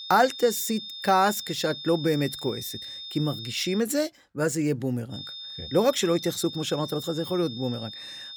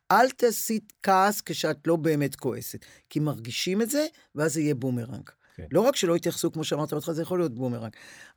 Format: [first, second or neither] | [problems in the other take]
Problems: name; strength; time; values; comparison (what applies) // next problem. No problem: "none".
second | high-pitched whine; noticeable; until 4 s and from 5 s on; 3.5 kHz, 10 dB below the speech